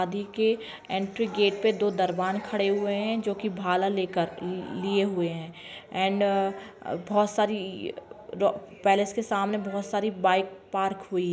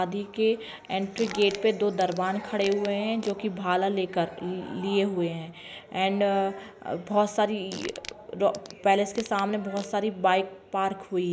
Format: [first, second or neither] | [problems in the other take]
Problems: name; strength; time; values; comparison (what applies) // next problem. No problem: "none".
first | background sound (Fart); 17 dB below the speech